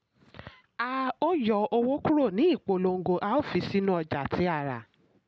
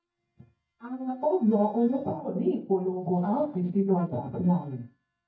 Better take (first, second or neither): first